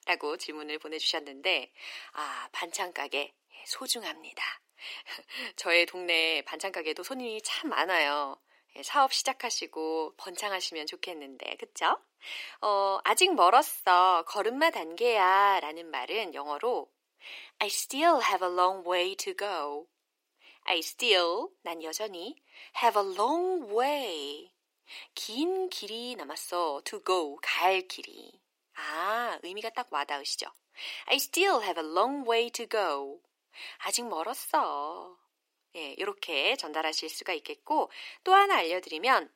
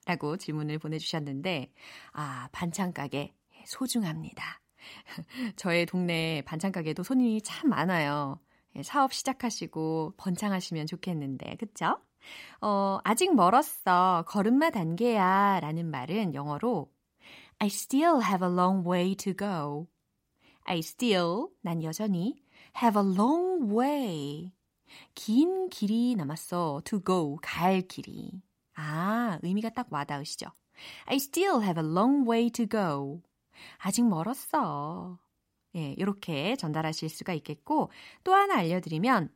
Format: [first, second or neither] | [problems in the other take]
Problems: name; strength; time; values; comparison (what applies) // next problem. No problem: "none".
second | thin; very; fading below 350 Hz